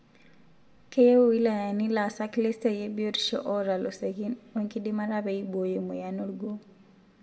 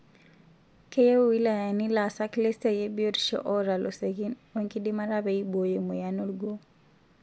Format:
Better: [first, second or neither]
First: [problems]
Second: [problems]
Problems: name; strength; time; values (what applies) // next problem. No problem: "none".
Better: second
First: room echo; dies away in 1.3 s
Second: none